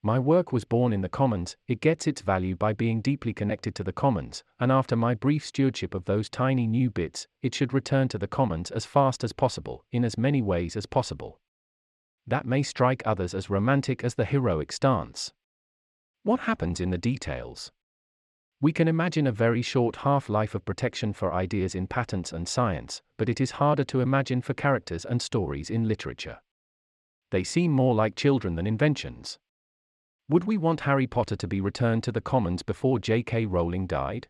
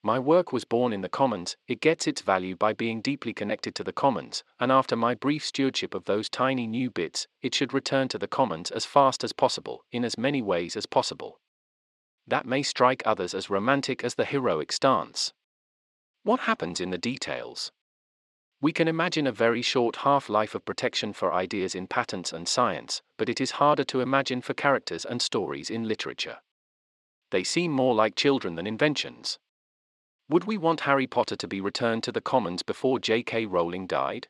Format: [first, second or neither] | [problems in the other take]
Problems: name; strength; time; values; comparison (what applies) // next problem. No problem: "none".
first | thin; very slightly; fading below 300 Hz